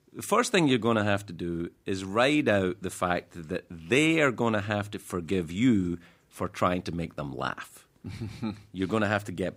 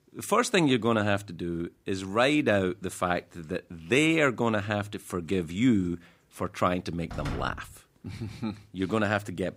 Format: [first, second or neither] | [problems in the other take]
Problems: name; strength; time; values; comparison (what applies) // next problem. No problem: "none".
first | door banging; noticeable; at 7 s; peak 9 dB below the speech